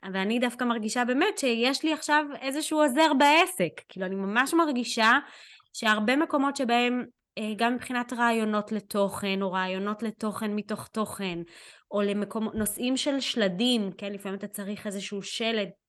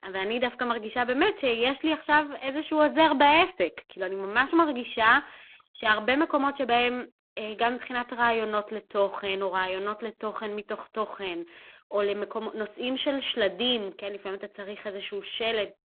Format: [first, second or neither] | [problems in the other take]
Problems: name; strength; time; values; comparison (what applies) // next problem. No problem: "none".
first | phone-call audio; poor line